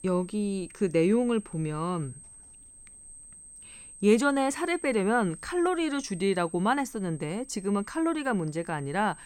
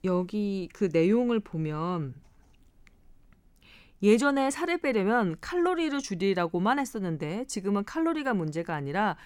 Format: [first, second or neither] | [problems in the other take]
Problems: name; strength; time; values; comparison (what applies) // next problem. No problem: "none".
second | high-pitched whine; noticeable; throughout; 8.5 kHz, 20 dB below the speech